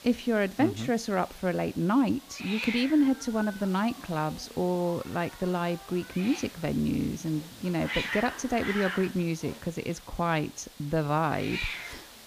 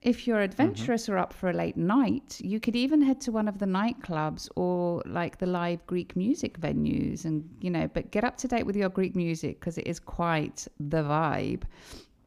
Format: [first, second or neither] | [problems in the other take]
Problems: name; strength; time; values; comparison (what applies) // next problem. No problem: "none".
second | hiss; loud; throughout; 10 dB below the speech